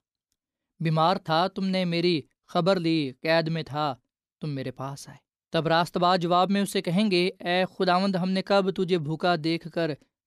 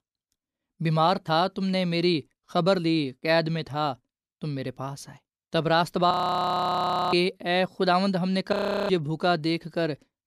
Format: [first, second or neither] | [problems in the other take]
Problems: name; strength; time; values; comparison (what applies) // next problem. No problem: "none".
first | audio freezing; at 6 s for 1 s and at 8.5 s